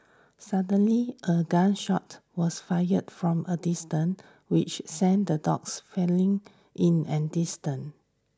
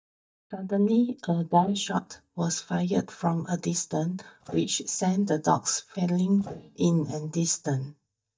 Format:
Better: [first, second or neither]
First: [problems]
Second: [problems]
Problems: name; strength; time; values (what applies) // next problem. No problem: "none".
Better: first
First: none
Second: noise reduction (neural mask model DeepFilterNet 3)